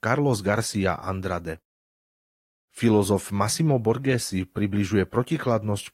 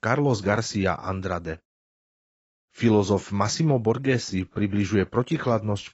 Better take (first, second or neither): first